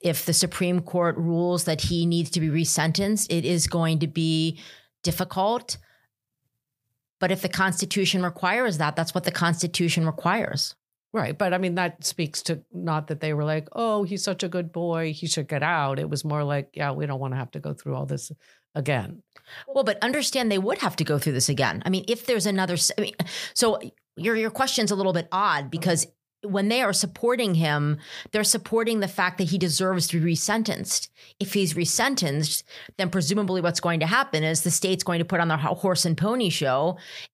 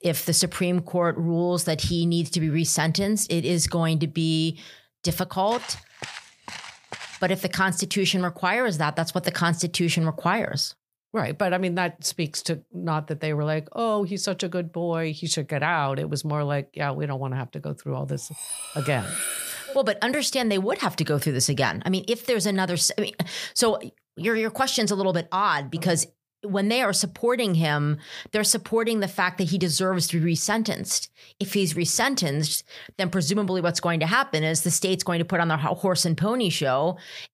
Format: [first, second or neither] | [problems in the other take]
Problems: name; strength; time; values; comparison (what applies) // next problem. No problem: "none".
first | footsteps; faint; from 5.5 to 7 s; peak 15 dB below the speech // clattering dishes; noticeable; from 18 to 20 s; peak 2 dB below the speech